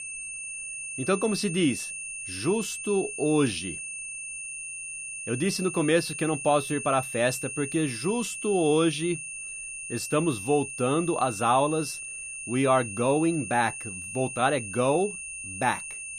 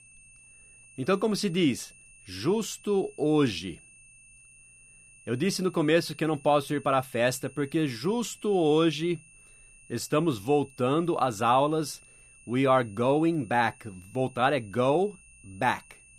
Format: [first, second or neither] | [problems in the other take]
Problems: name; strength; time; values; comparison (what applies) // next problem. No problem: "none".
second | high-pitched whine; loud; throughout; 2.5 kHz, 7 dB below the speech; faint in the second